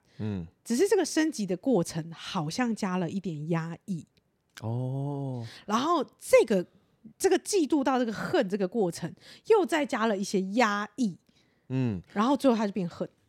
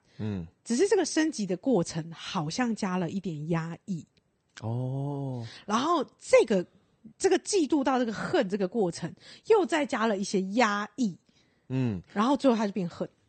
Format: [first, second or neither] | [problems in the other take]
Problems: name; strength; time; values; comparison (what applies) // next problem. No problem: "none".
first | garbled, watery; slightly; nothing above 8.5 kHz